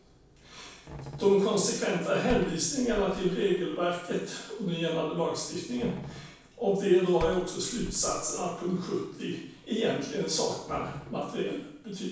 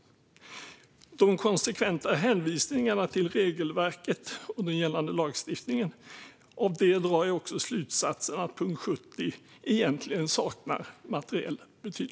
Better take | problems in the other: second | background sound (Slam); 16 dB below the speech // room echo; dies away in 0.7 s

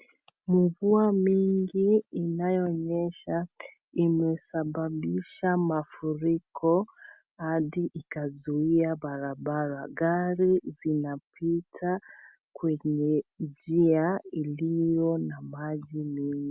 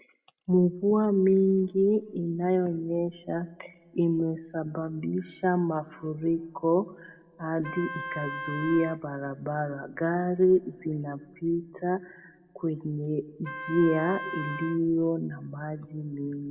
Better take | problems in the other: first | background sound (Wind instrument, woodwind instrument); 11 dB below the speech // room echo; dies away in 1.8 s

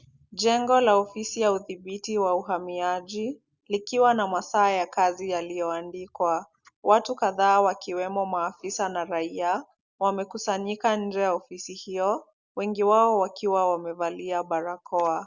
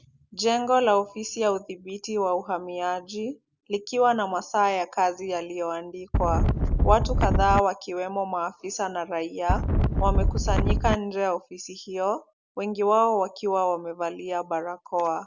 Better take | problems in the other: first | background sound (Wind); 4 dB above the speech

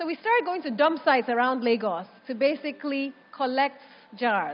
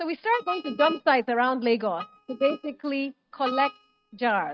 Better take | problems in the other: first | noise reduction (neural mask model RNNoise)

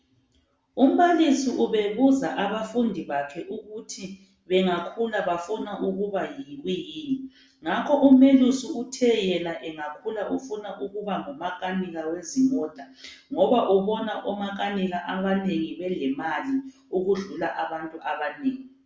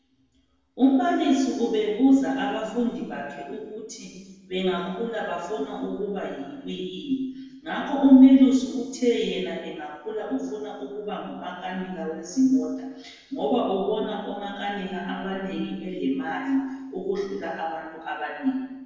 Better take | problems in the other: first | room echo; dies away in 1.1 s

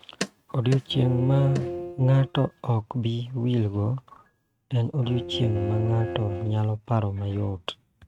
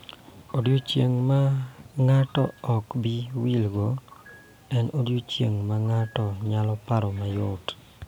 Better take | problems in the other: second | noise reduction (neural mask model RNNoise)

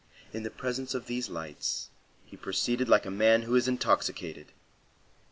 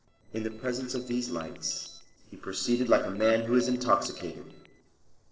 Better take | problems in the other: first | noise reduction (neural separator model SepFormer DNS4)

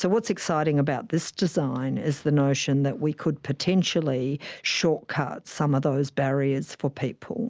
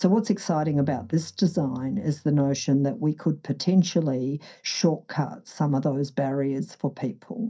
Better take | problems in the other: first | noise reduction (neural mask model DeepFilterNet 3)

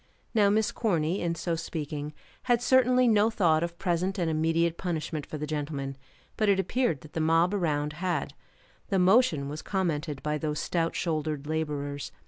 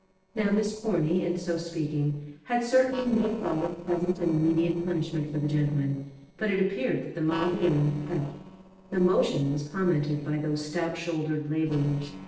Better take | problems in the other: first | noise reduction (neural separator model SepFormer DNS4)

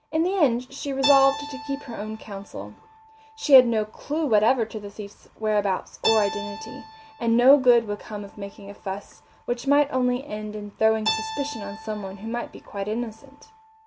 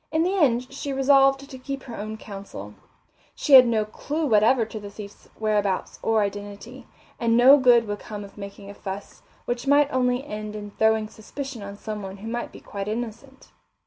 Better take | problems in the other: second | background sound (Keyboard (musical)); 13 dB below the speech

